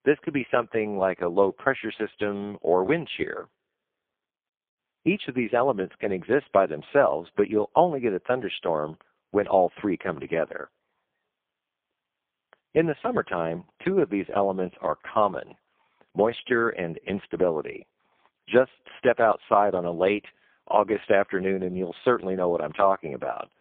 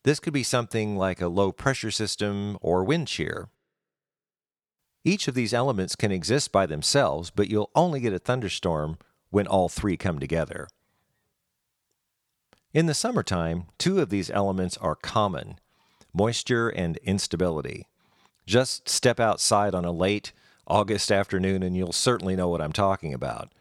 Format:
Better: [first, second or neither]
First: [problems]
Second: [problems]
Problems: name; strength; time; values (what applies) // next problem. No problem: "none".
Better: second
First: phone-call audio; poor line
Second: none